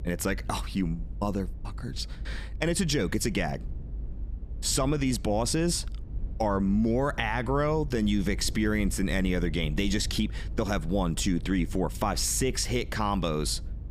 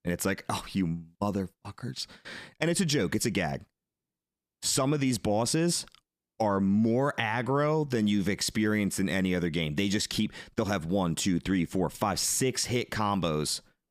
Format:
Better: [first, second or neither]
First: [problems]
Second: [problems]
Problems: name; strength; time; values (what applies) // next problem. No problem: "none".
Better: second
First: low rumble; faint; throughout; 25 dB below the speech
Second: none